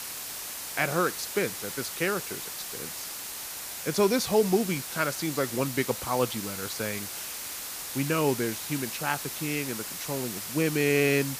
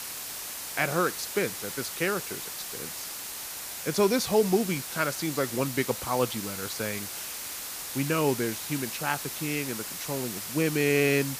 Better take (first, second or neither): neither